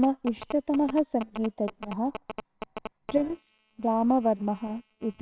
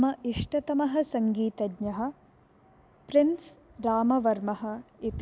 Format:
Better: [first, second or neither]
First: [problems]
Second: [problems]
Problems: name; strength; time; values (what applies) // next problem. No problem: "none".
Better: second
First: noise reduction (neural separator model SepFormer WHAMR!)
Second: none